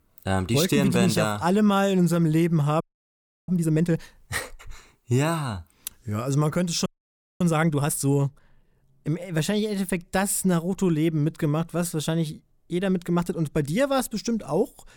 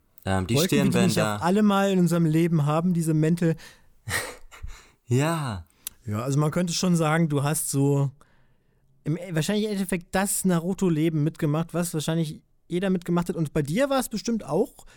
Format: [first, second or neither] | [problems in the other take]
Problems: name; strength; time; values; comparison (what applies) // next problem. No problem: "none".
second | audio freezing; at 3 s for 0.5 s and at 7 s for 0.5 s